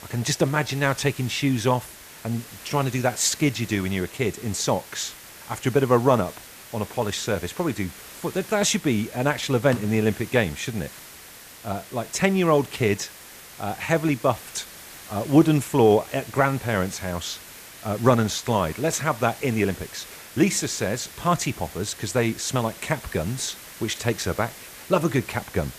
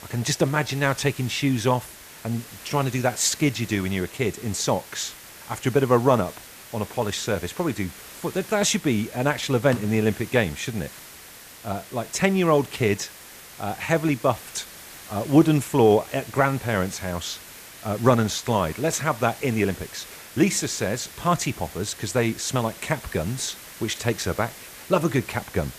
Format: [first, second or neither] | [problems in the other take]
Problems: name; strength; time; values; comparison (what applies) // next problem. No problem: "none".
neither | hiss; noticeable; throughout; 15 dB below the speech; the same in both